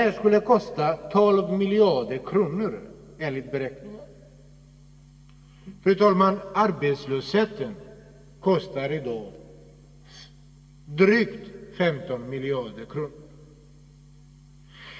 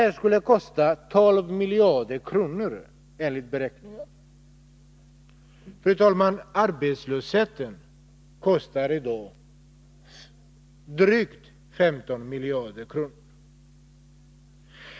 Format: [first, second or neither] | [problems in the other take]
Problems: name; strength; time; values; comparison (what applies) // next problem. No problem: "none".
second | room echo; dies away in 1.5 s